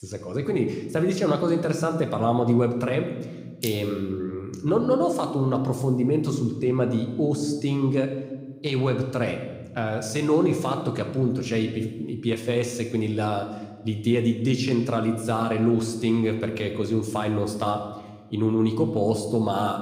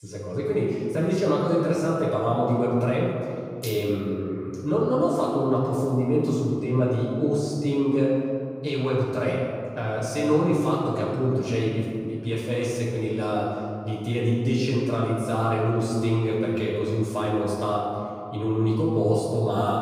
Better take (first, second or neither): first